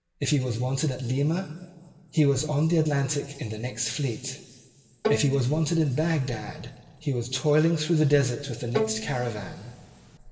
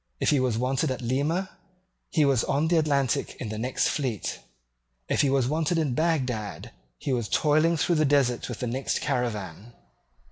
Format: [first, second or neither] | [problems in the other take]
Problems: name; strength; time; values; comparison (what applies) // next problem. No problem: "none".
second | background sound (Bowed string instrument); 6 dB below the speech // room echo; dies away in 2.7 s